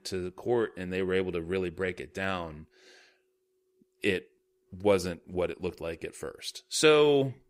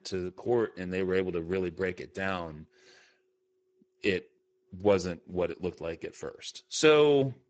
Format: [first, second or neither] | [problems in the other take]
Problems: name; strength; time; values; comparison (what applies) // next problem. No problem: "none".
first | garbled, watery; badly; nothing above 7.5 kHz